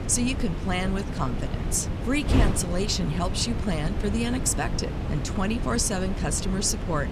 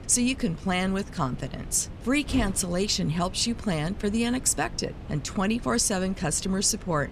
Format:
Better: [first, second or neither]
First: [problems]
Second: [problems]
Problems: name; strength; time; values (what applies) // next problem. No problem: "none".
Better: second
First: wind noise on the microphone; heavy; 7 dB below the speech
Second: wind noise on the microphone; occasional gusts; 20 dB below the speech